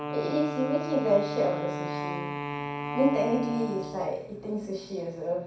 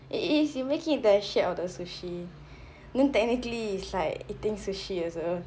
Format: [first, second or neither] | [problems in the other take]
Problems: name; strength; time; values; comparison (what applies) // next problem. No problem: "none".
second | background sound (Wind instrument, woodwind instrument); 6 dB below the speech // room echo; dies away in 0.6 s